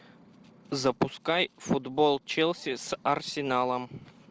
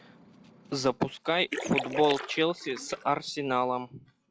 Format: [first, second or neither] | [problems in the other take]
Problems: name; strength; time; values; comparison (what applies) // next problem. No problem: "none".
first | noise reduction (classical method log-MMSE)